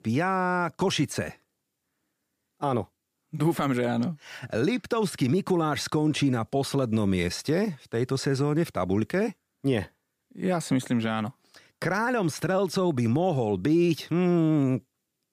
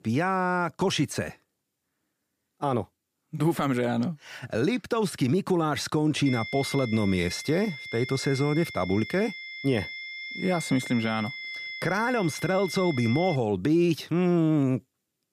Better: first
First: none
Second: high-pitched whine; loud; from 6.5 to 13 s; 2 kHz, 9 dB below the speech

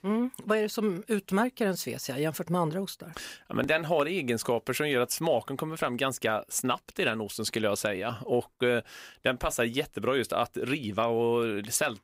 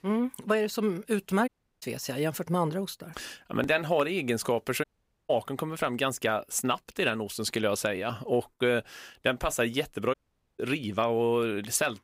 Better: first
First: none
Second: audio cutting out; at 1.5 s, at 5 s and at 10 s

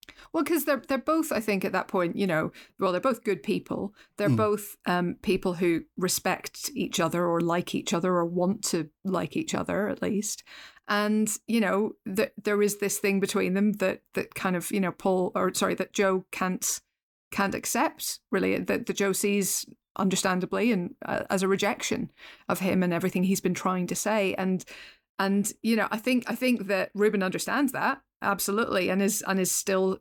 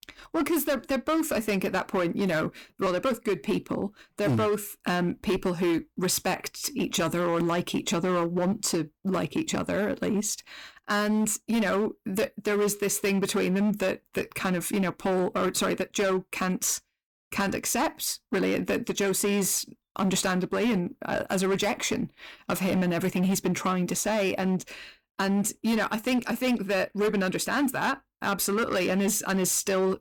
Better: first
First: none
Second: distortion; slight; 13% of the sound clipped

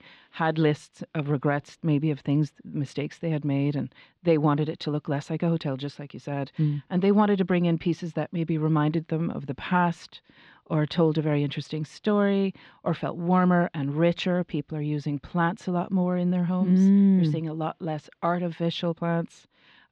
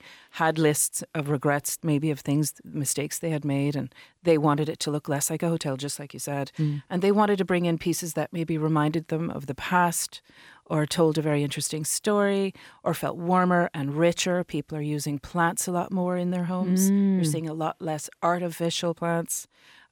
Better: second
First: muffled; slightly; fading above 4 kHz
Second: none

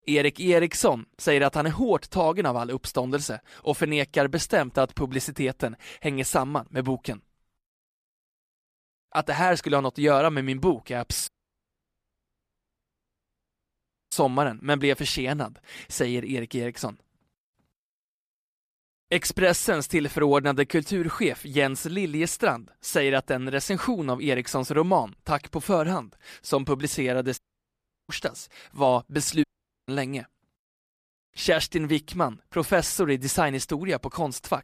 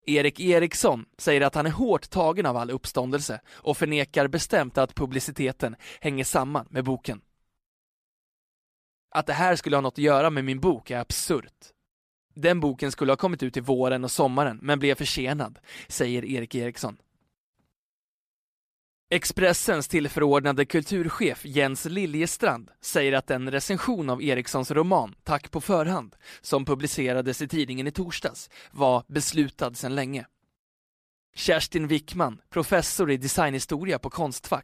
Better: second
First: audio cutting out; at 11 s for 3 s, at 27 s for 0.5 s and at 29 s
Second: none

